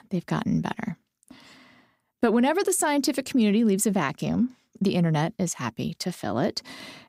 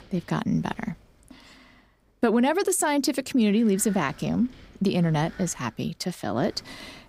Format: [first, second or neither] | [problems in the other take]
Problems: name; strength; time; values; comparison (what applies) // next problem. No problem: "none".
first | wind noise on the microphone; occasional gusts; 20 dB below the speech